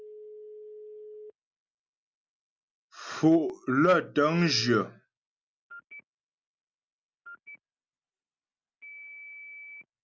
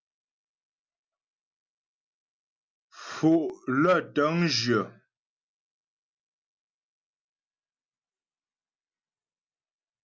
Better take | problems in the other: second | background sound (Telephone); 18 dB below the speech

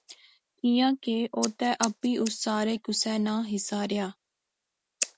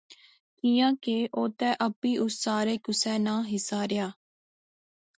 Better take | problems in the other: second | background sound (Scissors); 12 dB below the speech

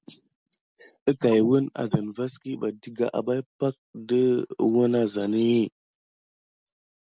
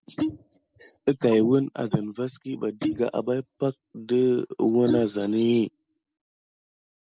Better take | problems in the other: first | noise reduction (neural mask model Resemble Enhance denoiser)

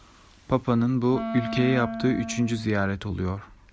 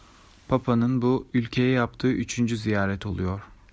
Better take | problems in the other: second | background sound (Wind instrument, woodwind instrument); 8 dB below the speech

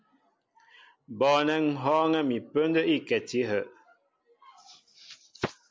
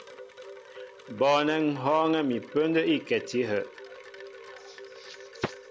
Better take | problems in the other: first | background sound (Wind chime); 16 dB below the speech

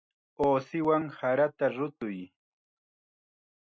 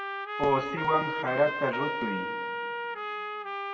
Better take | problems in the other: first | background sound (Trumpet); 3 dB below the speech // room echo; dies away in 1.8 s

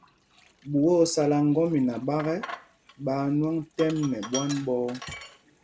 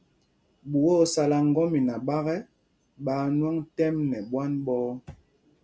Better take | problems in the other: second | background sound (Sink (filling or washing)); 17 dB below the speech

